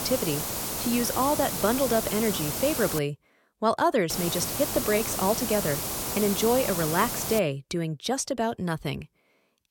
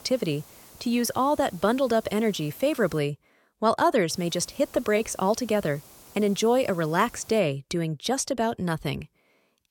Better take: second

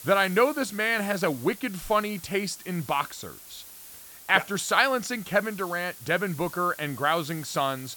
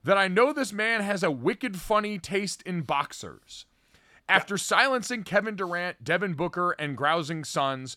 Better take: second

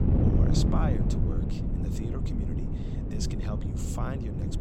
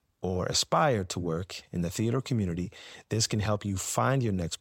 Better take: second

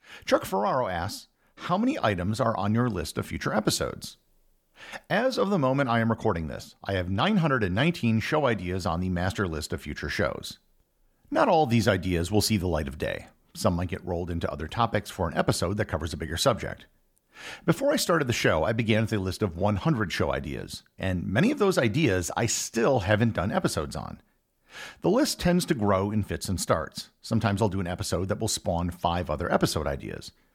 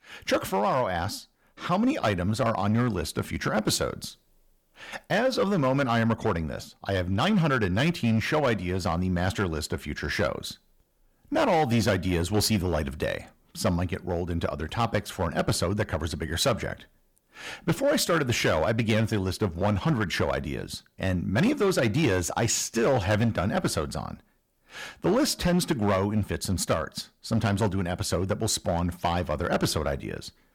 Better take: first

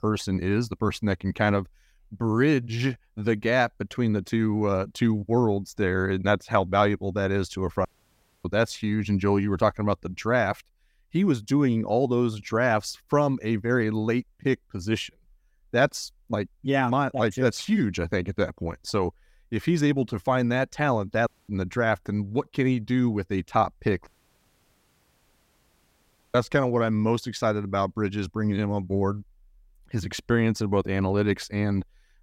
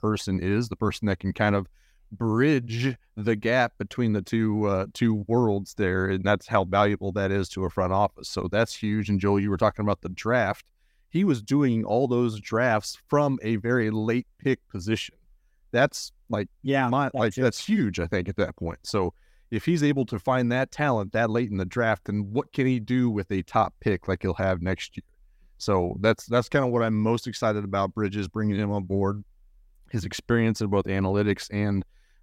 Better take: second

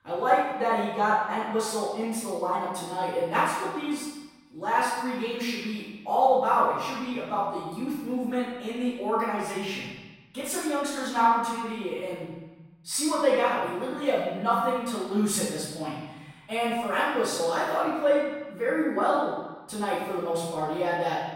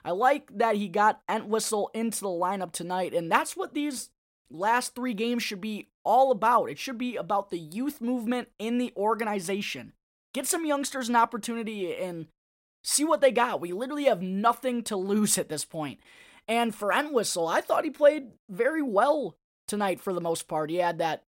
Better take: second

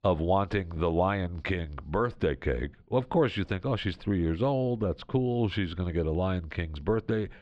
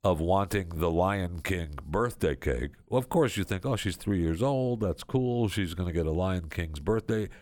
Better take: second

